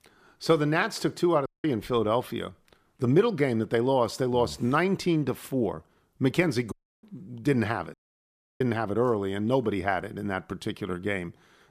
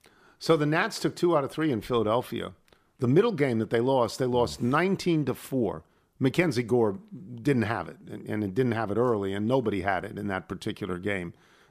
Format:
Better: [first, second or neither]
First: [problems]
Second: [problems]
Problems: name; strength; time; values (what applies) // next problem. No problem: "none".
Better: second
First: audio cutting out; at 1.5 s, at 6.5 s and at 8 s for 0.5 s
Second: none